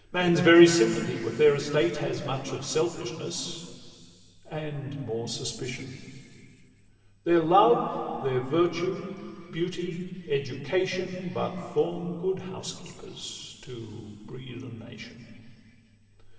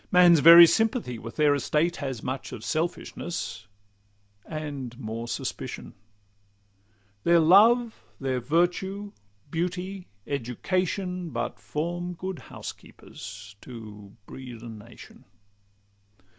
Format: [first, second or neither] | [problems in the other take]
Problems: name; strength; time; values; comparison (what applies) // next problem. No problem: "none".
second | room echo; dies away in 2.8 s